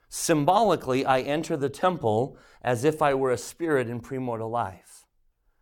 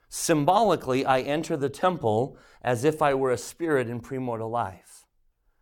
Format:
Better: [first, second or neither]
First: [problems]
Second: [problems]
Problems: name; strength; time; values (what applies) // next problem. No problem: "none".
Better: neither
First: none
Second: none